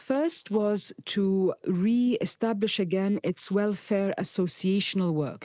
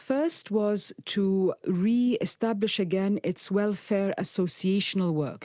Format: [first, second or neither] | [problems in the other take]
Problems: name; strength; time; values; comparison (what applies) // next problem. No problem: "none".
second | noise reduction (neural mask model Resemble Enhance denoiser)